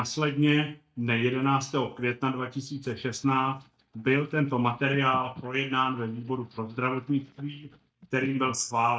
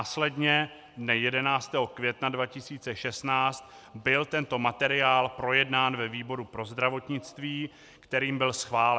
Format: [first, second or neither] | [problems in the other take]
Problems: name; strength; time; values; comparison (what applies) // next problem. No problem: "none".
second | noise reduction (neural mask model DeepFilterNet 3)